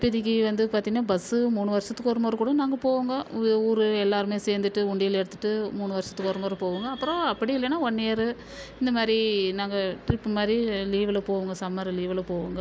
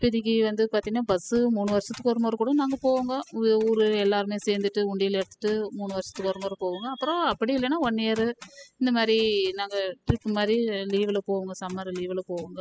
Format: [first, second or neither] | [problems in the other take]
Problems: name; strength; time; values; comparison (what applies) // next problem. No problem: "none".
first | noise reduction (classical method spectral subtraction)